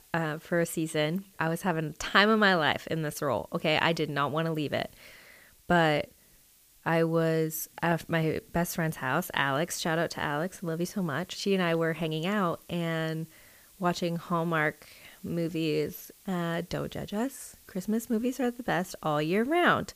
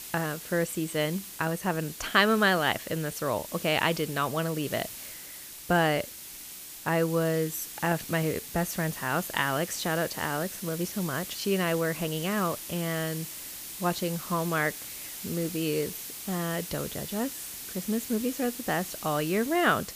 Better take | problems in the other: first | hiss; loud; throughout; 9 dB below the speech; faint in the first

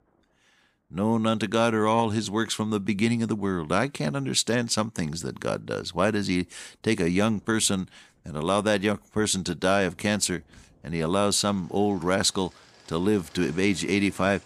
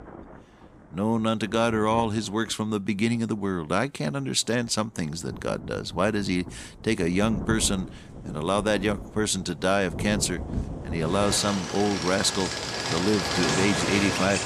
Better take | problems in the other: first | rain or running water; loud; throughout; 5 dB below the speech; faint in the first

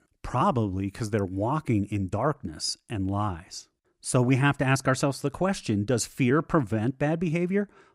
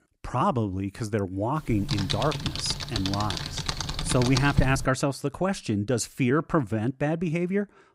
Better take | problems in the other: first | keyboard typing; noticeable; from 1.5 to 5 s; peak level with the speech

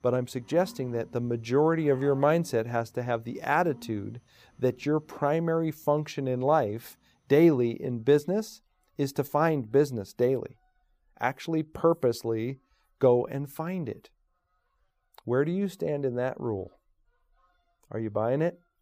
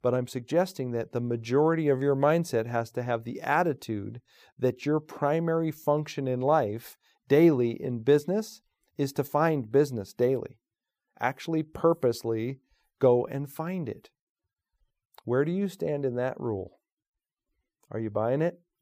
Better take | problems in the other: second | animal sounds; faint; throughout; 25 dB below the speech

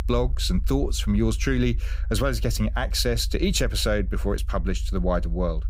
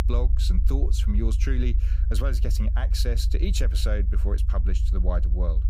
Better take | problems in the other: first | low rumble; loud; throughout; 10 dB below the speech; faint in the first

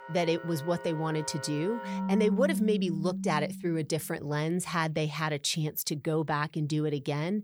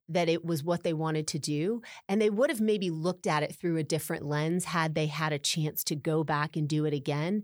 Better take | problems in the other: second | background music; loud; until 3.5 s; 5 dB below the speech

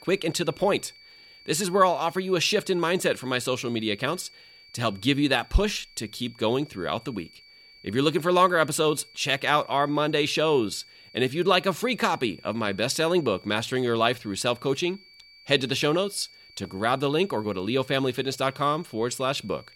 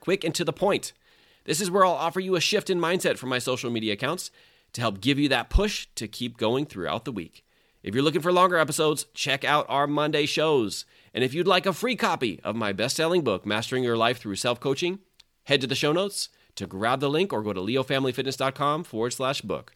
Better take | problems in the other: second | high-pitched whine; faint; throughout; 4.5 kHz, 25 dB below the speech

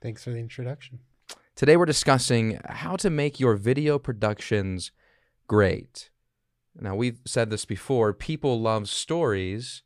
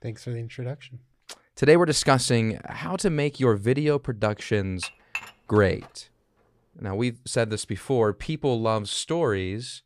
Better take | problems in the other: first | clattering dishes; noticeable; at 5 s; peak 9 dB below the speech

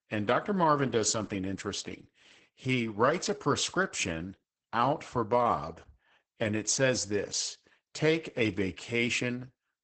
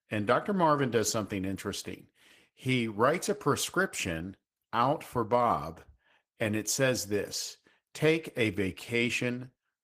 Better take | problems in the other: second | garbled, watery; badly; nothing above 8 kHz; slightly in the second

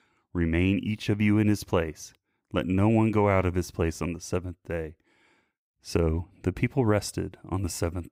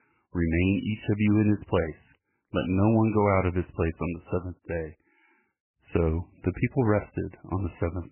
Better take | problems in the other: first | garbled, watery; badly; nothing above 3 kHz

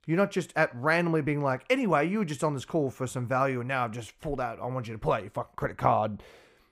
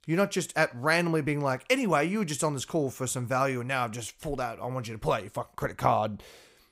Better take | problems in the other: second | muffled; slightly; fading above 3.5 kHz

